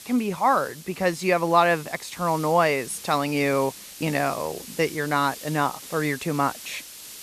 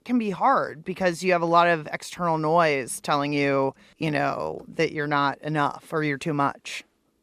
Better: second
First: hiss; noticeable; throughout; 15 dB below the speech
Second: none

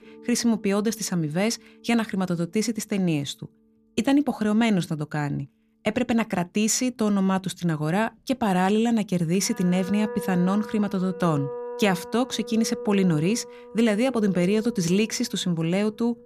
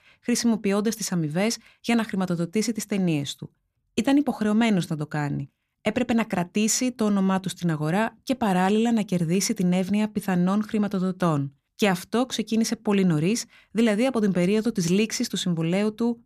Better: second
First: background music; noticeable; throughout; 15 dB below the speech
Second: none

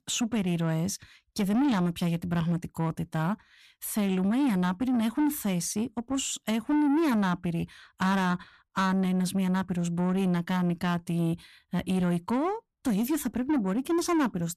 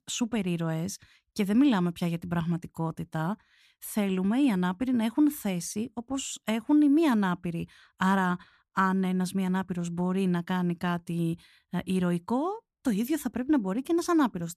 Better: second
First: distortion; slight; 10 dB below the speech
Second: none

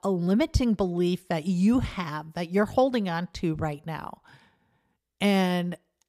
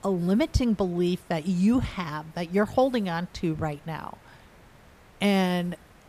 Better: first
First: none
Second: hiss; faint; throughout; 25 dB below the speech

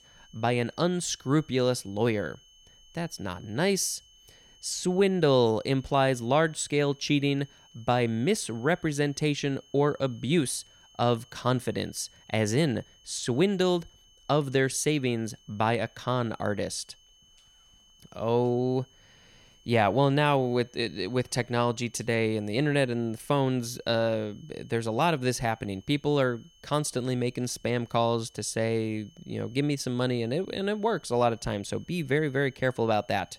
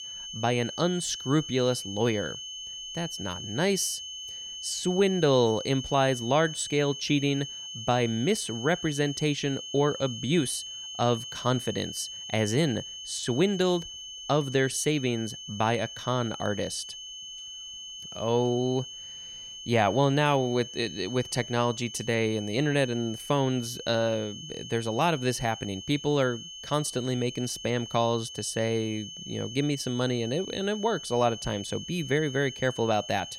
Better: first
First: high-pitched whine; faint; throughout; 3 kHz, 30 dB below the speech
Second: high-pitched whine; loud; throughout; 3 kHz, 10 dB below the speech

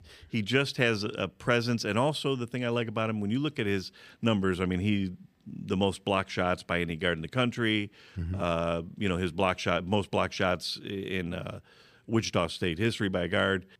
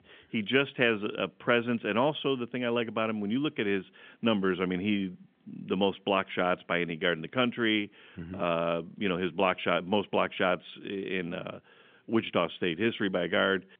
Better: first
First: none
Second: phone-call audio; nothing above 3.5 kHz

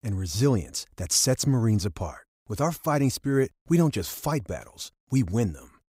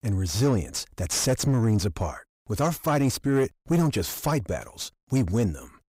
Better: first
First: none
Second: distortion; slight; 9 dB below the speech

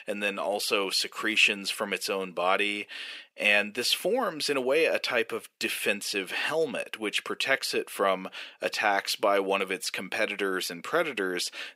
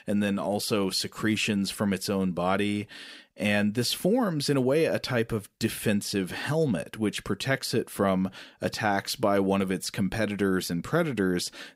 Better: second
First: thin; somewhat; fading below 500 Hz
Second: none

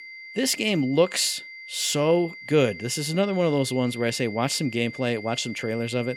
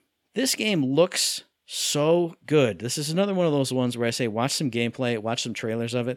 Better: second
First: high-pitched whine; noticeable; throughout; 2 kHz, 15 dB below the speech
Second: none

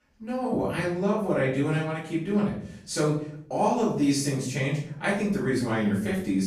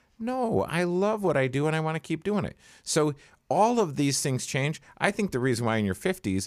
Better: second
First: off-mic speech; far // room echo; noticeable; dies away in 0.6 s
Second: none

